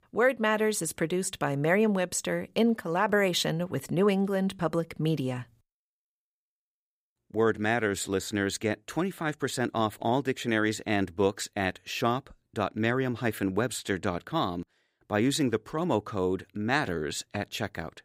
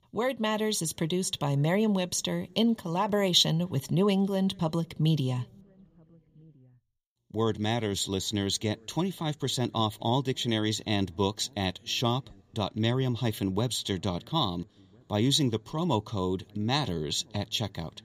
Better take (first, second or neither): first